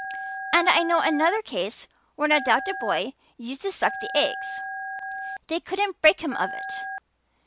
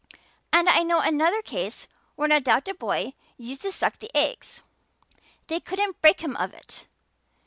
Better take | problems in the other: second | background sound (Telephone); 9 dB below the speech

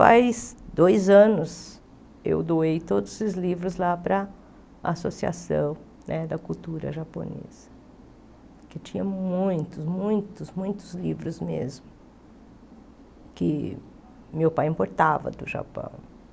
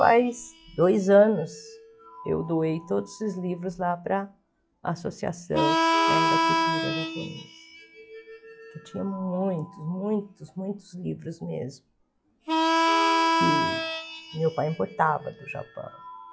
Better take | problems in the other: first | noise reduction (classical method log-MMSE)

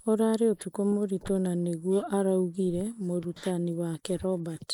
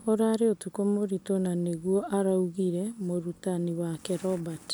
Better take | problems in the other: second | noise reduction (neural mask model Resemble Enhance denoiser)

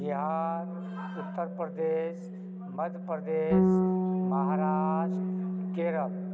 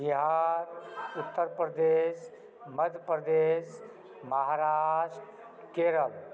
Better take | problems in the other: second | background sound (Bass guitar); 3 dB above the speech

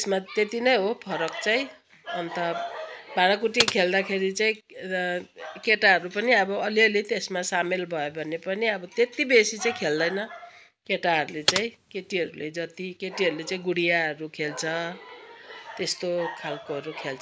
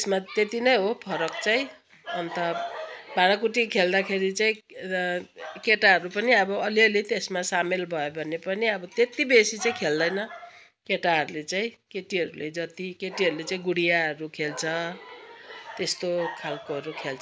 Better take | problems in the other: second | background sound (Computer keyboard); 4 dB below the speech

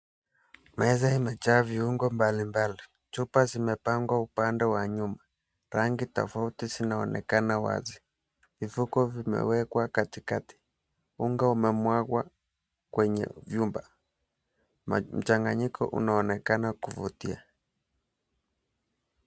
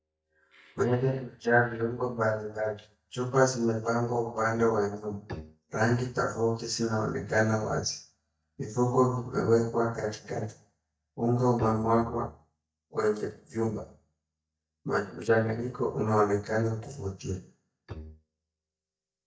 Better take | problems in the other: first | noise reduction (neural mask model DeepFilterNet 3)

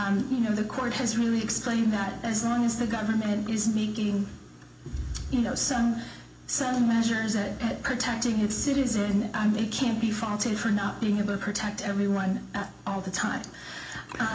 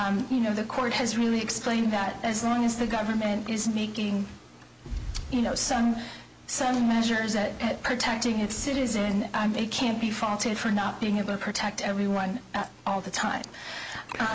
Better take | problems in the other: second | room echo; dies away in 0.4 s

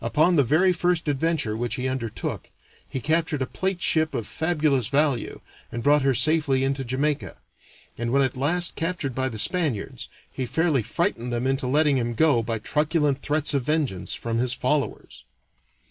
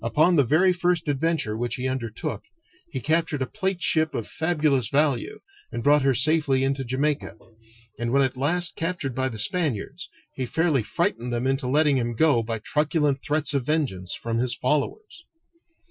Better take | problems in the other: first | noise reduction (classical method Wiener filter)

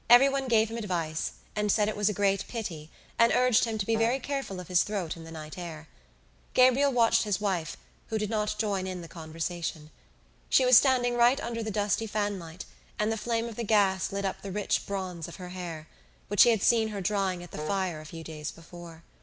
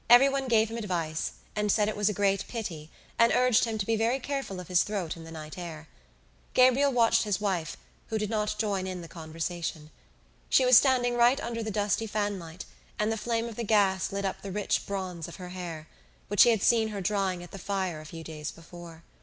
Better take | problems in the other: second | background sound (Wind instrument, woodwind instrument); 11 dB below the speech

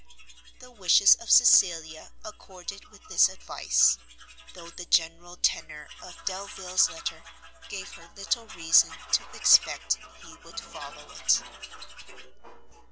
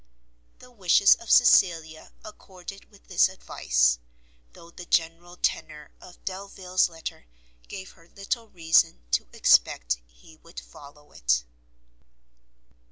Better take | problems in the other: second | background sound (Tools); 18 dB below the speech

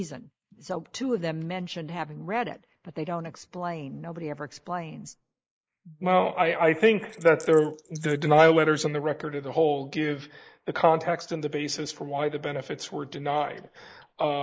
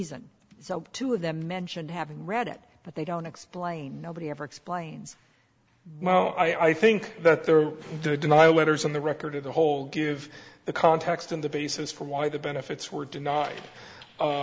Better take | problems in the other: second | noise reduction (neural mask model Resemble Enhance denoiser)

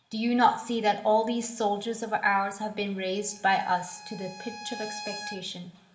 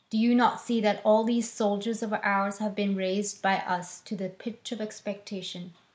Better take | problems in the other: second | background sound (Bowed string instrument); 15 dB below the speech // room echo; dies away in 1 s

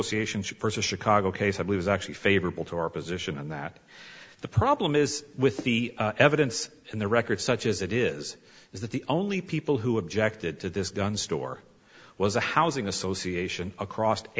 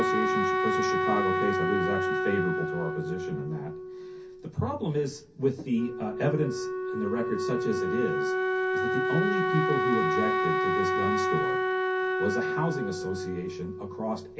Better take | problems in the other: first | background sound (Wind instrument, woodwind instrument); 3 dB above the speech // room echo; dies away in 0.3 s

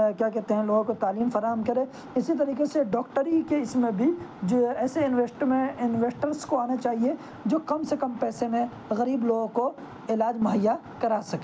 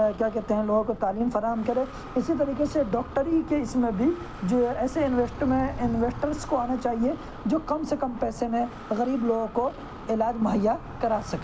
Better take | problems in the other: first | background sound (Breathing + Animal); 14 dB below the speech

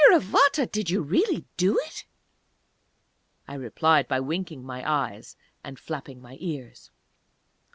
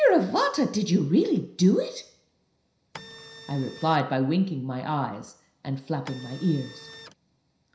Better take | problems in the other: first | background sound (Printer); 18 dB below the speech // room echo; dies away in 0.5 s

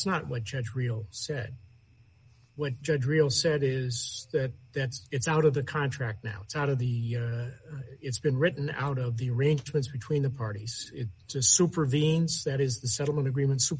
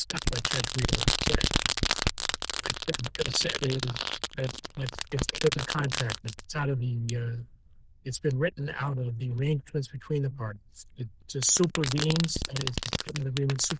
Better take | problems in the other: first | noise reduction (neural diffusion model UNIVERSE++)

